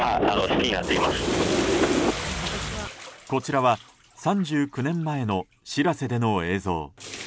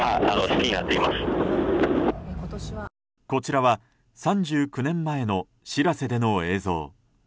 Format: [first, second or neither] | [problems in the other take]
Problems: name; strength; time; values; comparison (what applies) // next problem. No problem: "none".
second | background sound (Bathtub (filling or washing)); 12 dB below the speech